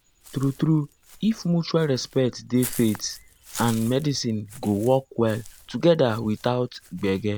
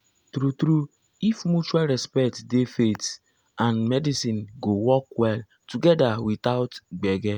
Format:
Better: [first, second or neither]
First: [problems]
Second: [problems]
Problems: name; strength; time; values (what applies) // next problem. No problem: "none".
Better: second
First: background sound (Walk, footsteps / Bird); 18 dB below the speech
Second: none